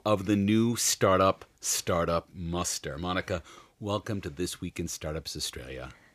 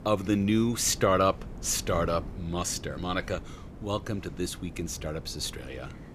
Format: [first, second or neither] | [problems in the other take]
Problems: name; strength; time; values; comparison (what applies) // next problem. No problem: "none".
first | wind noise on the microphone; occasional gusts; 20 dB below the speech